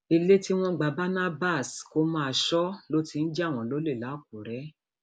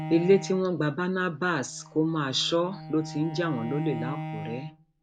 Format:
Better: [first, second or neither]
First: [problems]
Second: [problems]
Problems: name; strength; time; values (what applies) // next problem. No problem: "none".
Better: first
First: none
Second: background sound (Bowed string instrument); 11 dB below the speech